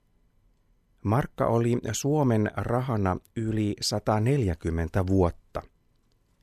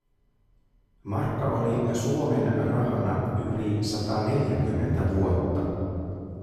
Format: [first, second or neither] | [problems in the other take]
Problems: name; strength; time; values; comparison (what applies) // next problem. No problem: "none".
first | room echo; strong; dies away in 3 s // off-mic speech; far